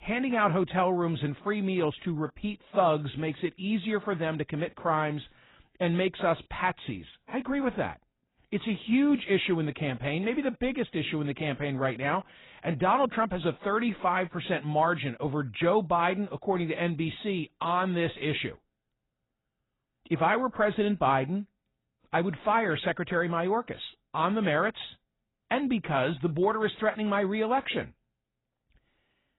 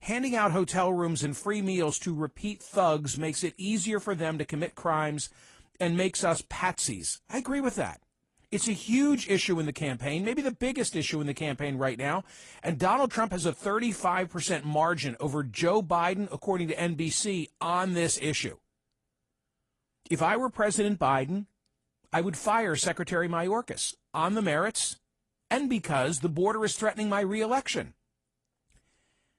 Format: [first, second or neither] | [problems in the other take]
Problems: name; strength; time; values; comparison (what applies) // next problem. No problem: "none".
second | garbled, watery; badly; nothing above 4 kHz; slightly in the second